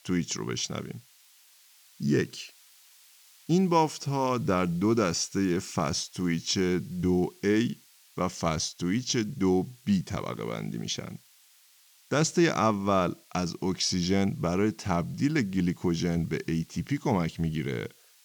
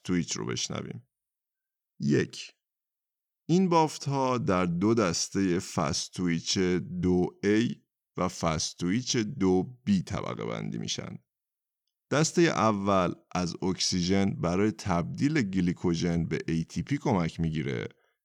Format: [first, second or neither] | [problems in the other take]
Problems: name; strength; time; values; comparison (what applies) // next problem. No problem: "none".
second | hiss; faint; throughout; 25 dB below the speech